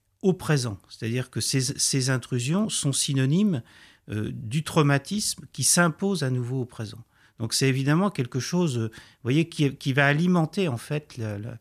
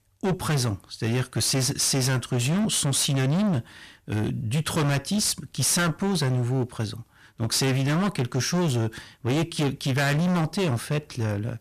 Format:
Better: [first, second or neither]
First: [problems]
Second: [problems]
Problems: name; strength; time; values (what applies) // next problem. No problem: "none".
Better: first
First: none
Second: distortion; heavy; 26% of the sound clipped